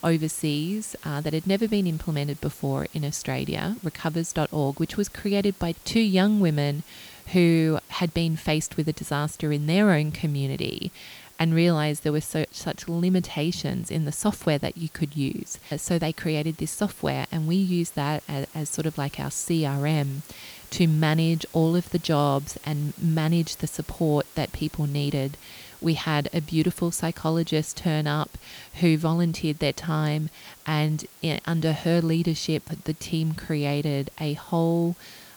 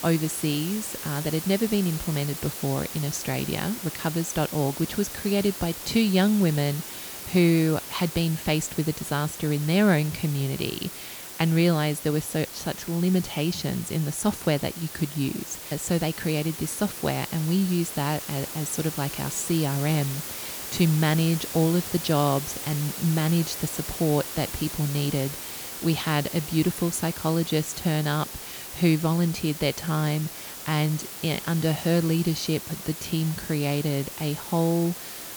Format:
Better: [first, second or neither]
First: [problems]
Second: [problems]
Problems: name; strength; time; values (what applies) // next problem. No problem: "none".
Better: first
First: hiss; faint; throughout; 20 dB below the speech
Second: hiss; loud; throughout; 8 dB below the speech